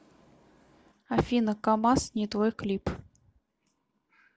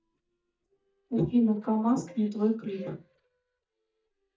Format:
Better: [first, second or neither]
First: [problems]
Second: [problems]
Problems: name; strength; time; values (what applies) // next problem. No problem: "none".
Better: first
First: none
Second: noise reduction (neural mask model DeepFilterNet 3)